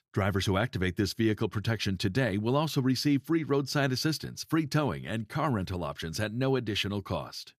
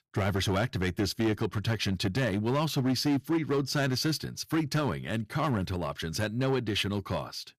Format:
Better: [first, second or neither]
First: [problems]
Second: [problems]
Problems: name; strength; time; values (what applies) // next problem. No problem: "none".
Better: first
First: none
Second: distortion; slight; 9% of the sound clipped